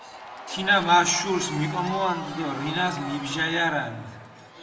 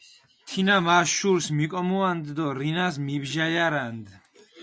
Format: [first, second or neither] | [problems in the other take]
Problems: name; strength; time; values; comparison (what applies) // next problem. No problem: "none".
second | background sound (Crowd / Cheering); 11 dB below the speech // room echo; dies away in 1.2 s